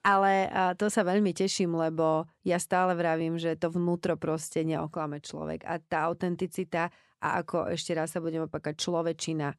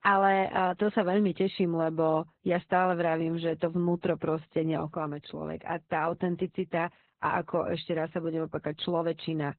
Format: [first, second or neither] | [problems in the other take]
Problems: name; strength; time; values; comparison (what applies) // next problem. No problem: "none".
first | garbled, watery; badly; nothing above 4 kHz